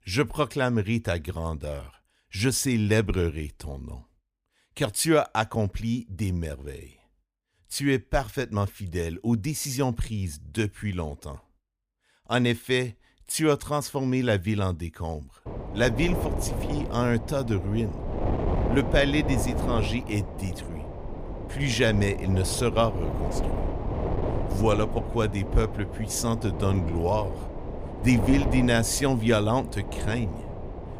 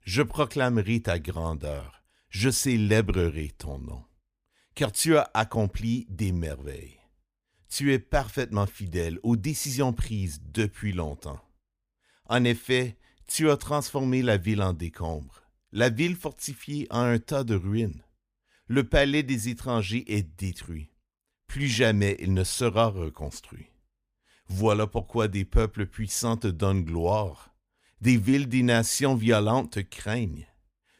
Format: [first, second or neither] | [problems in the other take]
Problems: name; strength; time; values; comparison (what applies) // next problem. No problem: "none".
second | wind noise on the microphone; heavy; from 15 s on; 8 dB below the speech